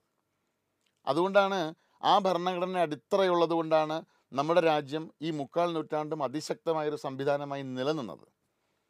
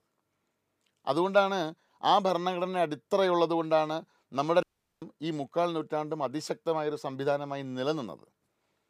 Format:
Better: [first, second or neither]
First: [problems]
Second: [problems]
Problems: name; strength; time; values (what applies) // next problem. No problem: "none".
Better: first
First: none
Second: audio cutting out; at 4.5 s